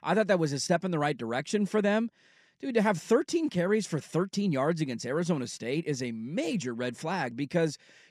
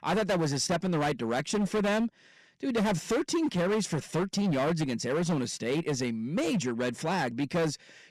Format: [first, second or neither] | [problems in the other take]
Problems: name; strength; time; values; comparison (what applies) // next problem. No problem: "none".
first | distortion; heavy; 18% of the sound clipped